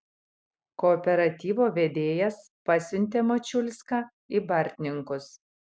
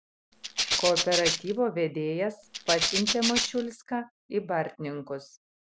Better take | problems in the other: first | background sound (Rattle (instrument)); 1 dB above the speech

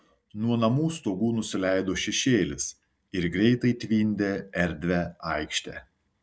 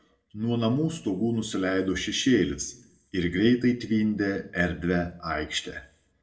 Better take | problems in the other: first | room echo; dies away in 0.4 s

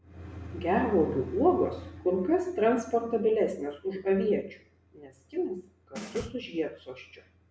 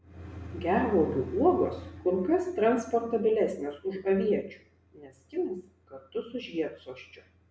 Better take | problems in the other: second | background sound (Snare drum); 15 dB below the speech

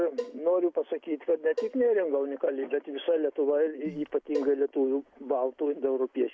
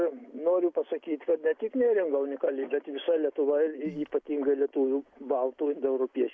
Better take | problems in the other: second | background sound (Cowbell); 14 dB below the speech

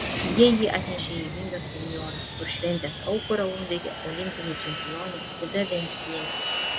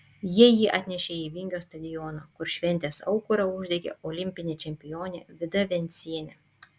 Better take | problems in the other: second | background sound (Fixed-wing aircraft, airplane); 5 dB below the speech

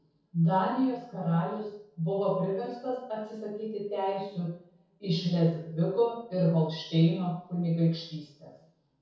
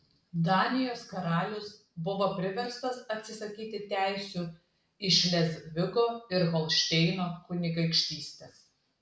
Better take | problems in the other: second | room echo; dies away in 0.6 s

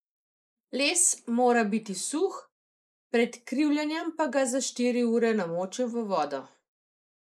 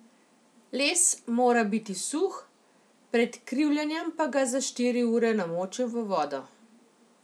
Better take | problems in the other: second | noise reduction (neural mask model Resemble Enhance denoiser)

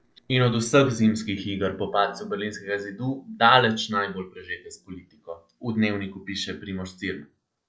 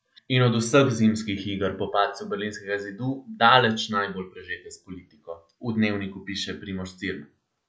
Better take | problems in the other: second | noise reduction (neural separator model SepFormer DNS4)

